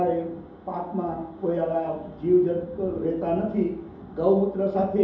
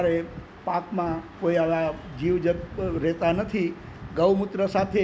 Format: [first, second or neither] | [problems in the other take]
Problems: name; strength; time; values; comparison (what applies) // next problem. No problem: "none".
second | room echo; dies away in 2.8 s